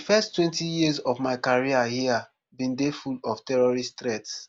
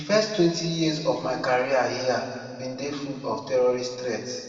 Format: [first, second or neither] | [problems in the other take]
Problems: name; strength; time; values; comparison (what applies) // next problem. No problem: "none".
first | room echo; dies away in 2 s